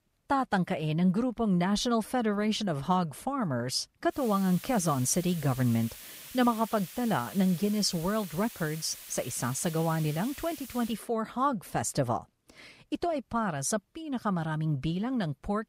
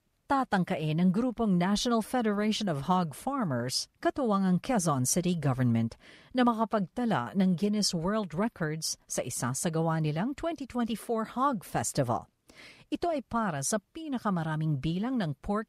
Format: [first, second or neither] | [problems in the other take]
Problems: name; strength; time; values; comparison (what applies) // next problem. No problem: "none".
second | hiss; noticeable; from 4 to 11 s; 15 dB below the speech